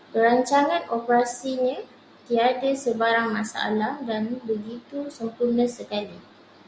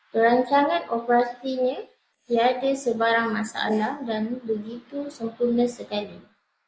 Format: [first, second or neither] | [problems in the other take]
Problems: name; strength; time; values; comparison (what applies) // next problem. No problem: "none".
first | noise reduction (neural mask model Resemble Enhance denoiser)